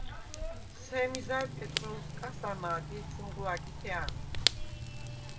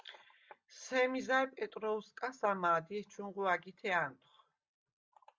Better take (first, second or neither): second